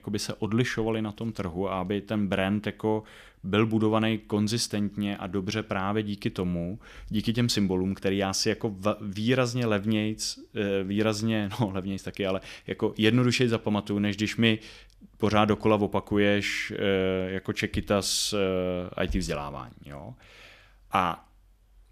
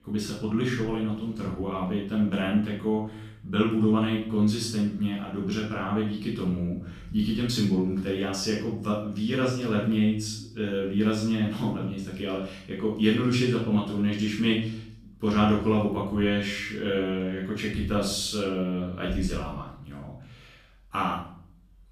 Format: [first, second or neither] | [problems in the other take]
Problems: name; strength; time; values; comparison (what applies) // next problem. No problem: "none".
first | room echo; noticeable; dies away in 0.5 s // off-mic speech; far